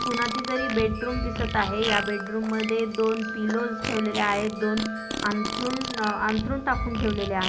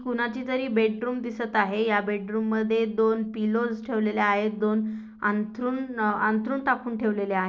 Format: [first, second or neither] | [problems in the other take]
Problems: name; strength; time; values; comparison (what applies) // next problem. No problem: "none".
second | background sound (Wind chime + Fart); 4 dB below the speech